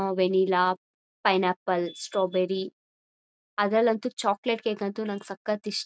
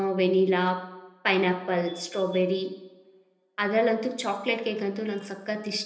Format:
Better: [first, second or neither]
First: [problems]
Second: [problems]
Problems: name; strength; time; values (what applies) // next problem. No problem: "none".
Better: first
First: none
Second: room echo; dies away in 0.8 s